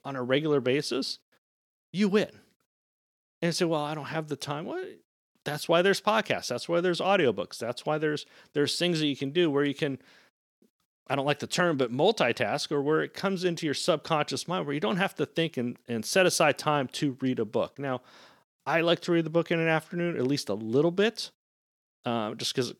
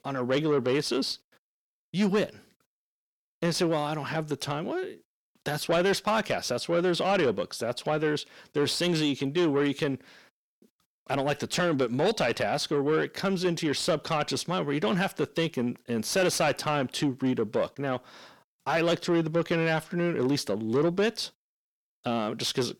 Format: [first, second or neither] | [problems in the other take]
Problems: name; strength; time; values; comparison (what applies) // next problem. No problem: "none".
first | distortion; slight; 10 dB below the speech